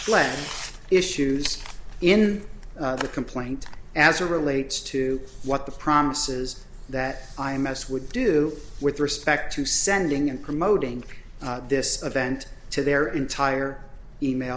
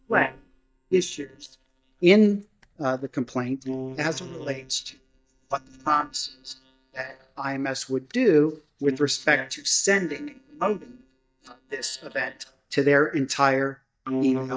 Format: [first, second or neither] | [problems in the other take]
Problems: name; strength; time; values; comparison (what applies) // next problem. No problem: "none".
first | noise reduction (neural mask model DeepFilterNet 3)